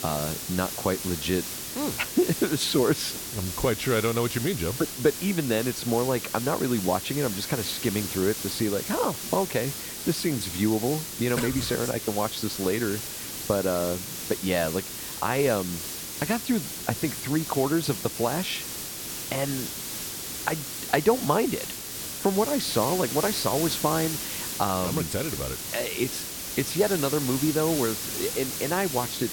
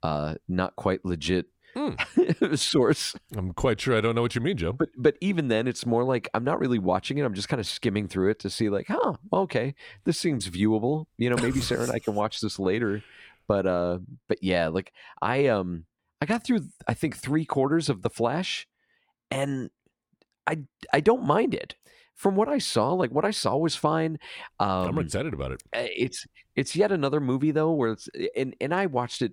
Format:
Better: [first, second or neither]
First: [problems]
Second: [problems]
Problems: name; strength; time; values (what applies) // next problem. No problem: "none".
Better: second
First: hiss; loud; throughout; 4 dB below the speech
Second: none